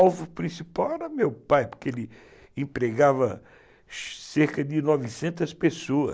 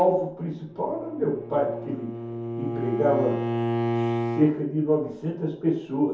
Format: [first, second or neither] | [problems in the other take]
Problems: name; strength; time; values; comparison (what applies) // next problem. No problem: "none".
first | background sound (Bowed string instrument); 5 dB below the speech // room echo; dies away in 0.6 s